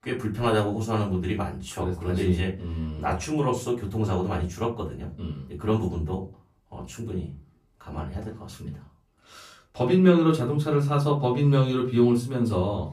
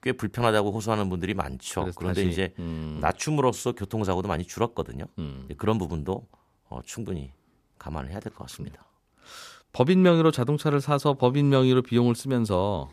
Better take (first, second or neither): second